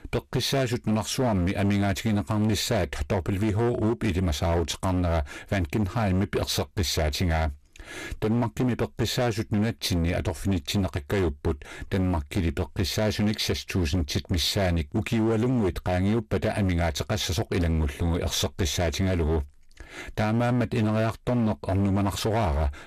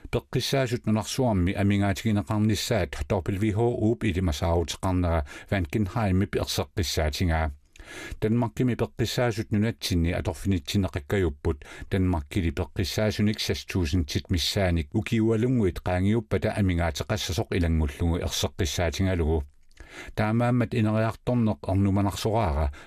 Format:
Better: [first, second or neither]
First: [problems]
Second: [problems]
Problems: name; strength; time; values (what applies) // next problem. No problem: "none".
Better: second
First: distortion; slight; 16% of the sound clipped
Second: none